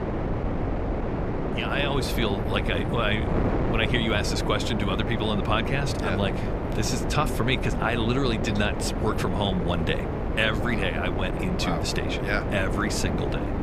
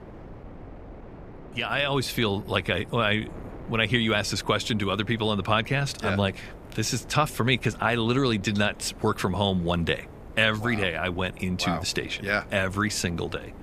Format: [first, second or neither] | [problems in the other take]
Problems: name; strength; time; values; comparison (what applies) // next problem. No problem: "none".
second | wind noise on the microphone; heavy; 4 dB below the speech; occasional gusts in the second